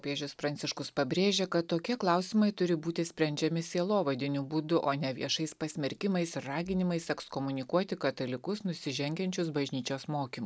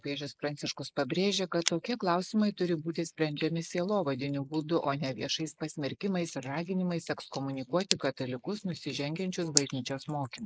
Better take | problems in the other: first | noise reduction (neural mask model Resemble Enhance denoiser)

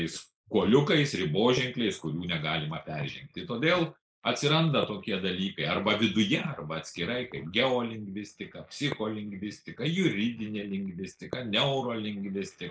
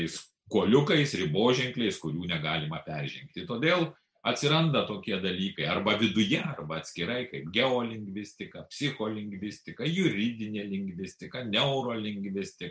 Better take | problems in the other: second | noise reduction (neural mask model Resemble Enhance denoiser)

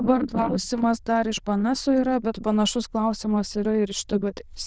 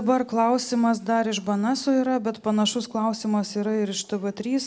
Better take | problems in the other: second | noise reduction (neural diffusion model UNIVERSE++)

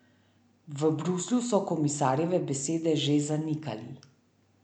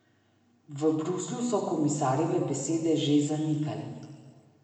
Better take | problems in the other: first | room echo; dies away in 1.7 s

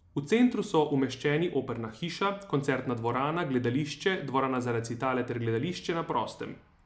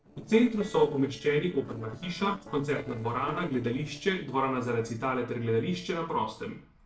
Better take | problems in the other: first | noise reduction (neural separator model SepFormer DNS4)

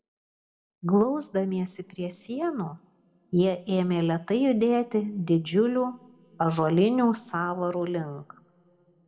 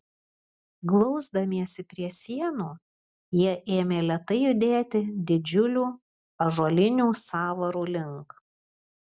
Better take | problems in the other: second | room echo; dies away in 1.8 s

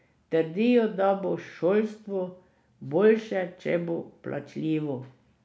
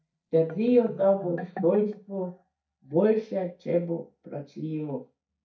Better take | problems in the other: first | noise reduction (neural mask model DeepFilterNet 3)

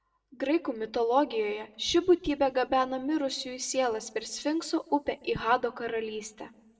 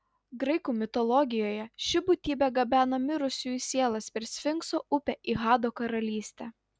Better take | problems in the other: second | room echo; dies away in 0.5 s

